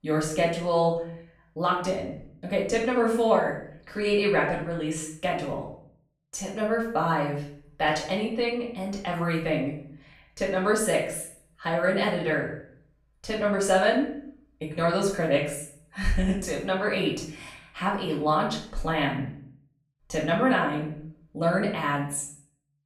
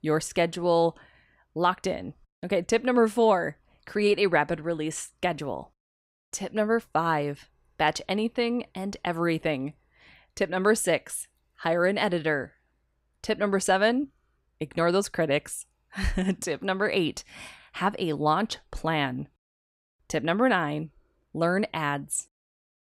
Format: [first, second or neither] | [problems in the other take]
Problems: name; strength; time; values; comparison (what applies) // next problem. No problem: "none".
second | room echo; noticeable; dies away in 0.5 s // off-mic speech; far